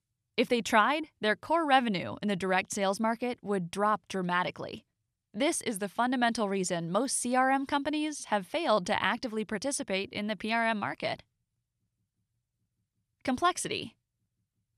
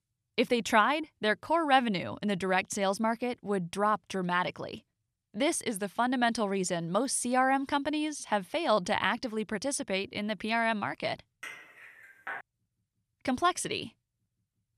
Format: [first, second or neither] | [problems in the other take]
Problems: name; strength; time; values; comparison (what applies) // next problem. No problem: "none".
first | clattering dishes; faint; at 11 s; peak 10 dB below the speech